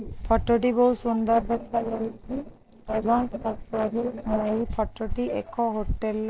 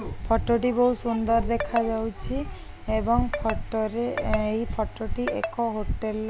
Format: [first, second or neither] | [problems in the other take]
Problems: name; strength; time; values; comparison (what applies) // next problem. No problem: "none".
second | noise reduction (neural separator model SepFormer DNS4)